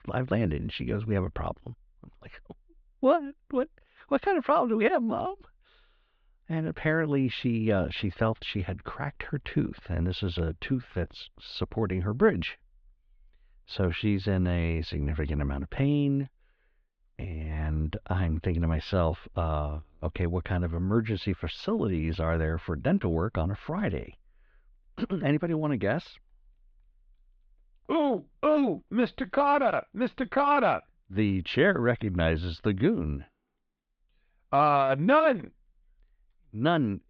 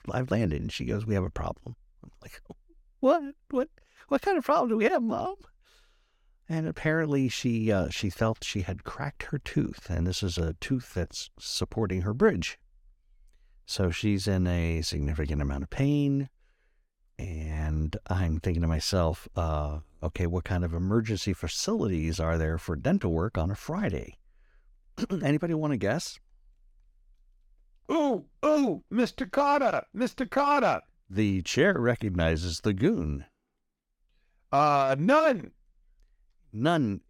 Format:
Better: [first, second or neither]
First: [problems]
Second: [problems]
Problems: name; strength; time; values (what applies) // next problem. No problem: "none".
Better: second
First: muffled; slightly; fading above 3.5 kHz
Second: none